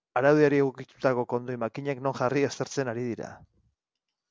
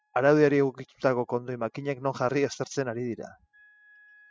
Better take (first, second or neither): first